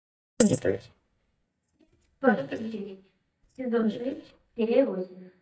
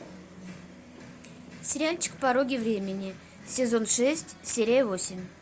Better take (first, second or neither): second